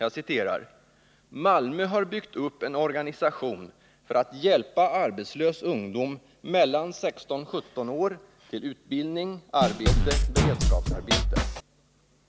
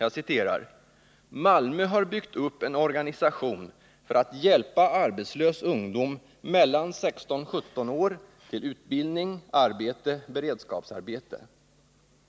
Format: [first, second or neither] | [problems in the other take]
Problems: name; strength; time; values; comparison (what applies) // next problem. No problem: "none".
second | background sound (Drum kit); 5 dB above the speech